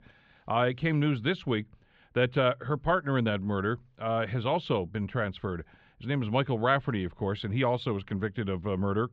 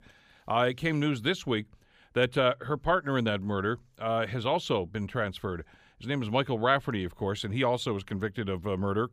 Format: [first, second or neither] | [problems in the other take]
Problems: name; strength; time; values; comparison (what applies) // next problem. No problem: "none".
second | muffled; slightly; fading above 3.5 kHz